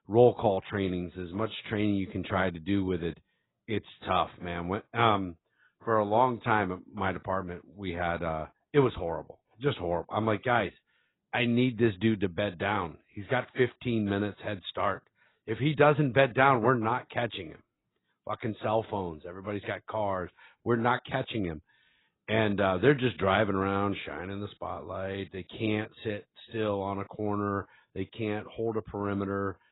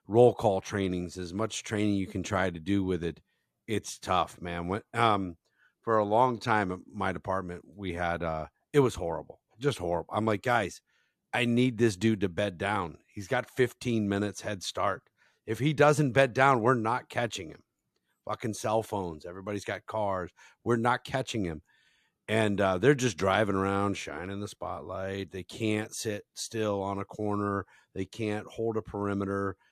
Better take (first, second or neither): second